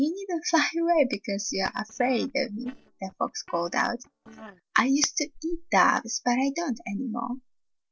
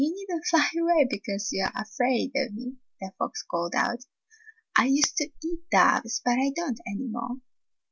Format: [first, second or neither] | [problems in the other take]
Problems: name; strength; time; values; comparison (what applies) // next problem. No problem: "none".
second | noise reduction (neural separator model SepFormer DNS4)